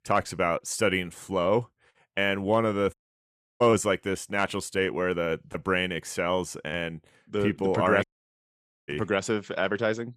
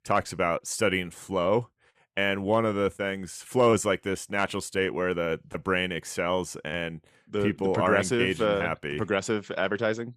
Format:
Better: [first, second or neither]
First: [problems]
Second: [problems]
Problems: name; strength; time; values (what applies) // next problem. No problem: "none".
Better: second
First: audio cutting out; at 3 s for 0.5 s and at 8 s for 1 s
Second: none